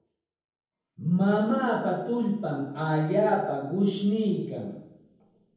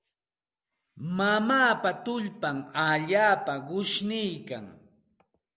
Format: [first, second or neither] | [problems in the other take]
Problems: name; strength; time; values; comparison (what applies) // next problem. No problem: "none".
second | room echo; dies away in 0.9 s